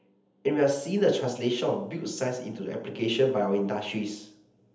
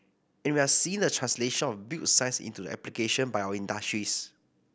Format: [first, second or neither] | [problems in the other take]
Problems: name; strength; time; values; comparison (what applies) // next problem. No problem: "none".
second | room echo; dies away in 0.7 s